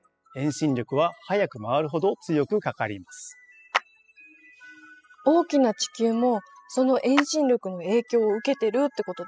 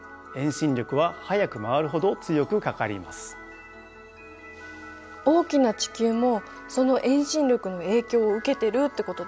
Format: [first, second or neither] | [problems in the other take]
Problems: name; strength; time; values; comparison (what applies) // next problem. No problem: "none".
second | noise reduction (classical method spectral subtraction)